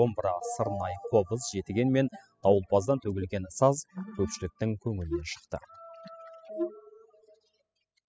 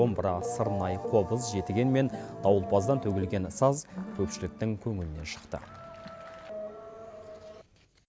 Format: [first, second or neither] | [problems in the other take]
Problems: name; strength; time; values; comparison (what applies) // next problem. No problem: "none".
second | noise reduction (classical method spectral subtraction)